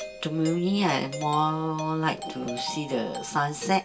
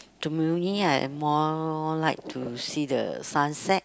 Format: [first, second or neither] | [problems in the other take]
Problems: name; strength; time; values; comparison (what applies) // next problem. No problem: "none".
second | background sound (Doorbell); 11 dB below the speech // room echo; dies away in 0.2 s